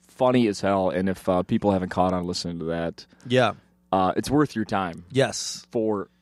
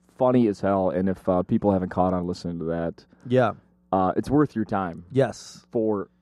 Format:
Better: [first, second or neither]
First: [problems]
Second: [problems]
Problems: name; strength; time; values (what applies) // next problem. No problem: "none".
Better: first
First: none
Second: muffled; slightly; fading above 1 kHz